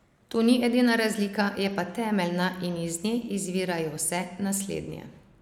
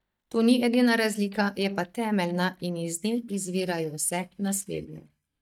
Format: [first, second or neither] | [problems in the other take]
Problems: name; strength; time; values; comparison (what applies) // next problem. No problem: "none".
first | noise reduction (neural mask model DeepFilterNet 3)